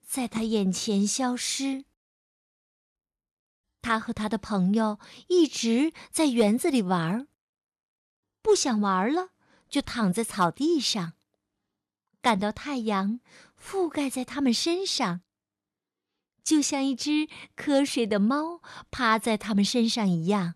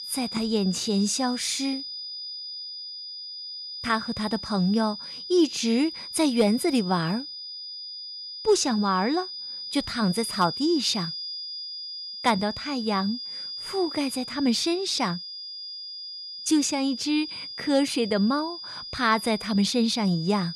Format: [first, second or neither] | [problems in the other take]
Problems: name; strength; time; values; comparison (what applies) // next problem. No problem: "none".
first | high-pitched whine; loud; throughout; 5 kHz, 8 dB below the speech